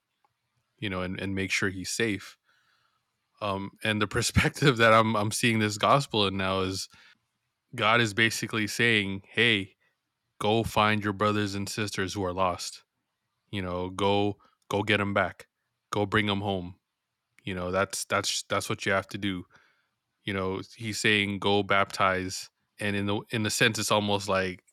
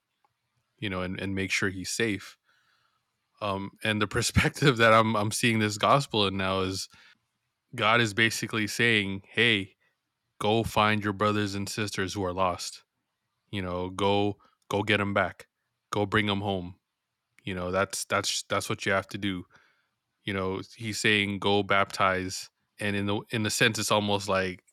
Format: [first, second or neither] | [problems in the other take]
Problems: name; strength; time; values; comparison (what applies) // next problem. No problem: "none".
neither | none